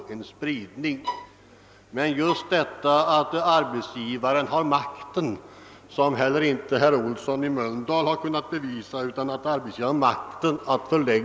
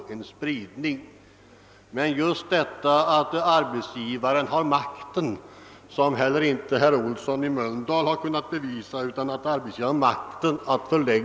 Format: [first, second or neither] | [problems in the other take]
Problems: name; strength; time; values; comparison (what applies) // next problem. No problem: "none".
second | background sound (Bowed string instrument); 9 dB below the speech